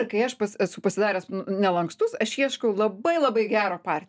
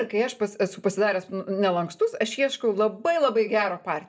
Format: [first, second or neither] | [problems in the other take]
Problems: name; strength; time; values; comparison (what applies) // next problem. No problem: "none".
first | room echo; dies away in 0.2 s